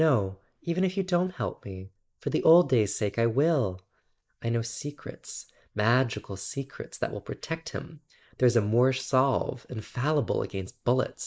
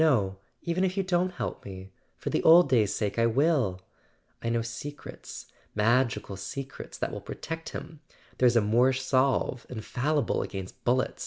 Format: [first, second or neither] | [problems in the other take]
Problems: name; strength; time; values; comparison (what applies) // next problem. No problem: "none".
second | noise reduction (neural mask model Resemble Enhance denoiser)